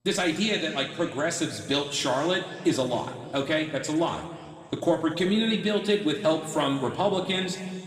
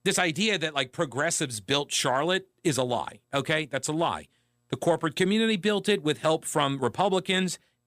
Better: second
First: room echo; slight; dies away in 2 s // off-mic speech; somewhat distant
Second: none

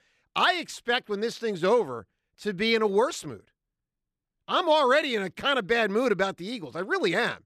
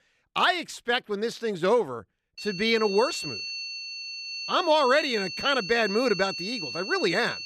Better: first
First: none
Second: high-pitched whine; loud; from 2.5 s on; 4.5 kHz, 7 dB below the speech

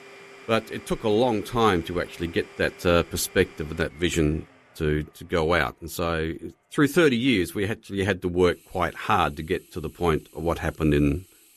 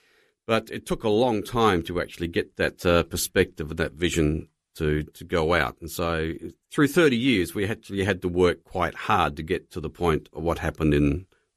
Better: second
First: household noises; faint; throughout; 25 dB below the speech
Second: none

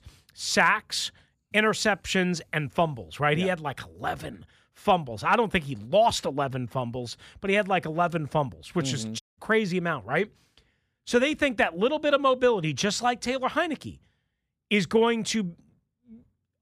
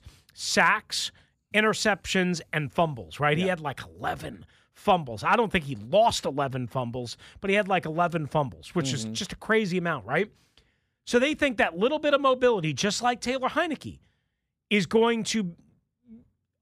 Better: second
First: audio cutting out; at 9 s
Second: none

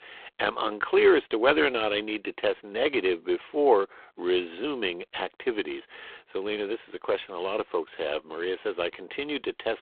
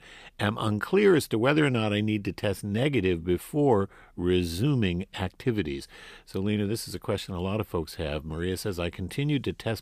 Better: second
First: phone-call audio; poor line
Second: none

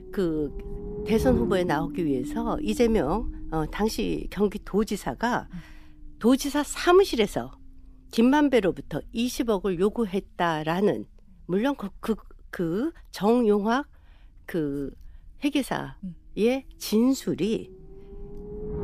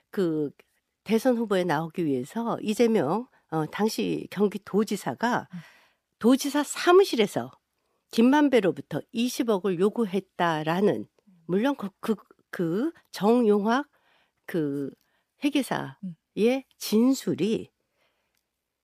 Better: second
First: low rumble; noticeable; throughout; 10 dB below the speech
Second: none

